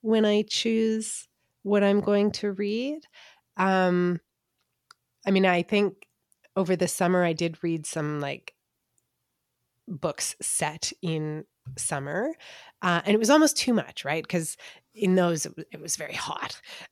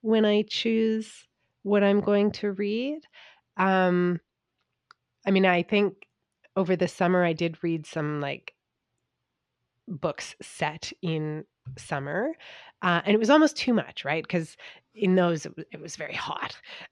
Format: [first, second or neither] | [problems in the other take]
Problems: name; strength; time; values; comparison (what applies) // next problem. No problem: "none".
first | muffled; slightly; fading above 3 kHz